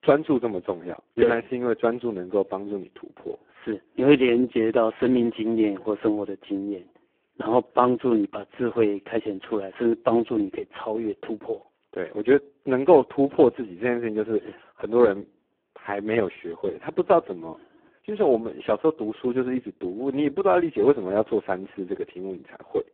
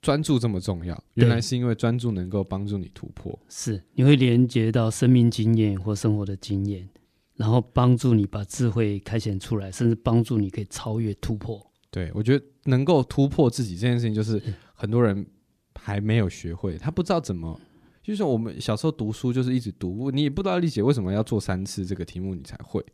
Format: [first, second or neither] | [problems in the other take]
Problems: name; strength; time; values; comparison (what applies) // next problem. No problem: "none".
second | phone-call audio; poor line